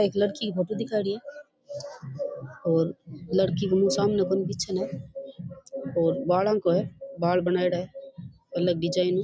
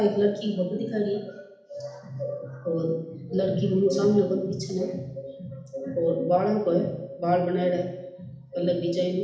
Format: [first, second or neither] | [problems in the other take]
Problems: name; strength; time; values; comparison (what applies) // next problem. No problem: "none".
first | room echo; dies away in 0.8 s